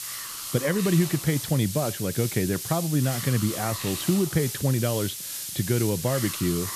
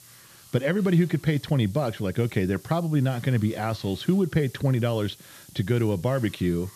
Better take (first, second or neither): second